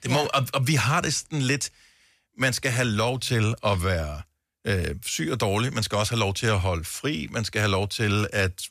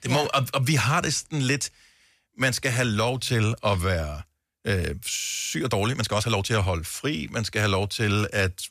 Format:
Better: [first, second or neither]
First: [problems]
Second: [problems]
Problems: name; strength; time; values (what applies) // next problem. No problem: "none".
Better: first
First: none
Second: audio freezing; at 5 s